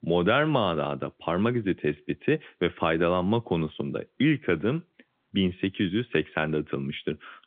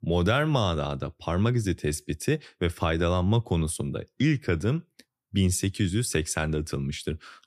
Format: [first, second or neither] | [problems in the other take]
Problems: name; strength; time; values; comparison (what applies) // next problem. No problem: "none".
second | phone-call audio; nothing above 3.5 kHz